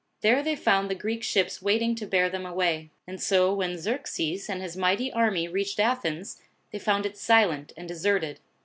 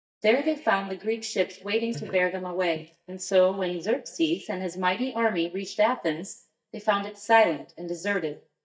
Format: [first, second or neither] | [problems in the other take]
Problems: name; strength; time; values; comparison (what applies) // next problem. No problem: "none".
first | noise reduction (neural mask model DeepFilterNet 3)